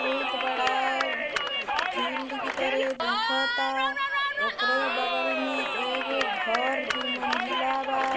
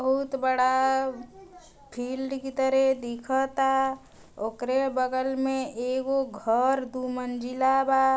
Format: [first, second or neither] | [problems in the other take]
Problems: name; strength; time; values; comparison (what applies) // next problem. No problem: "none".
second | background sound (Cheering); 3 dB above the speech